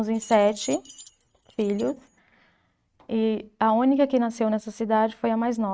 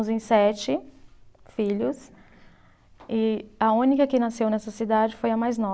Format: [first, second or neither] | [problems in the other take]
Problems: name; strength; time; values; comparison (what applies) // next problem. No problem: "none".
second | noise reduction (neural mask model RNNoise)